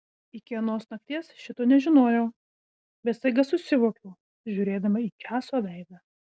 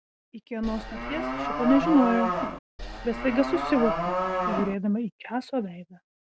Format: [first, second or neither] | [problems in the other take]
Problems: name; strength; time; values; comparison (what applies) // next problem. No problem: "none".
first | background sound (Livestock, farm animals, working animals); 1 dB below the speech